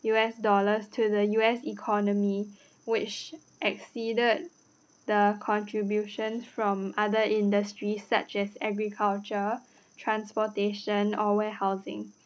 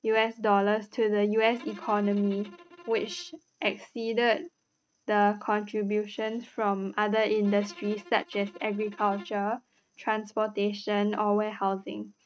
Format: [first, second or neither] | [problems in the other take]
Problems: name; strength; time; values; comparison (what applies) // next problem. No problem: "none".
first | noise reduction (neural mask model RNNoise)